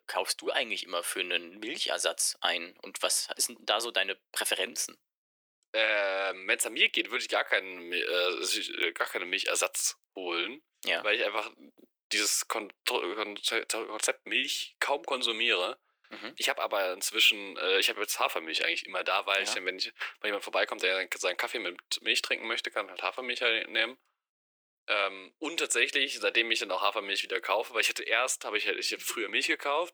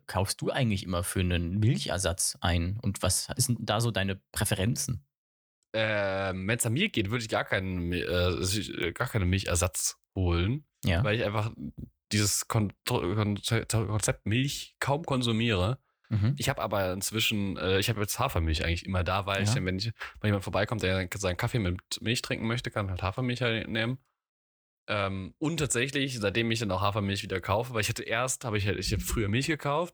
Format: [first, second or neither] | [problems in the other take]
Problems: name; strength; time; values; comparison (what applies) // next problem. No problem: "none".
second | thin; very; fading below 350 Hz